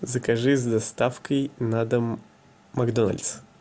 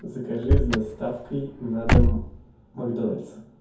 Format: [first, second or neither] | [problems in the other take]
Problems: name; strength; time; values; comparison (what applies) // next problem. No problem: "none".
first | background sound (Slam / Car); 4 dB above the speech // room echo; dies away in 0.6 s